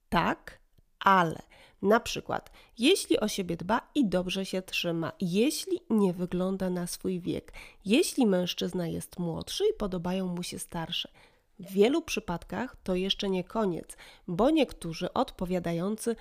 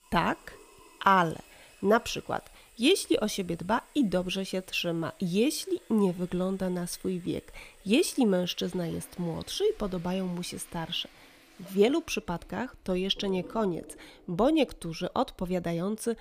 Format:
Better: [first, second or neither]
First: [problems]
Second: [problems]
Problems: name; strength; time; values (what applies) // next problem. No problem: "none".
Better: first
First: none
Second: household noises; faint; throughout; 25 dB below the speech